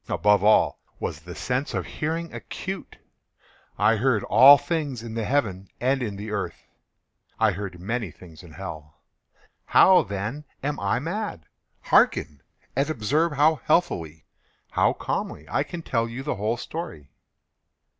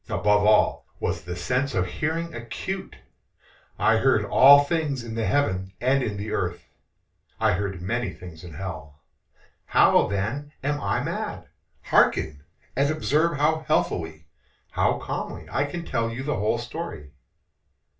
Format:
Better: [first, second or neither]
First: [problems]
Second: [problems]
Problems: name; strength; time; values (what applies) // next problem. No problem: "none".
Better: first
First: none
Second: room echo; dies away in 0.2 s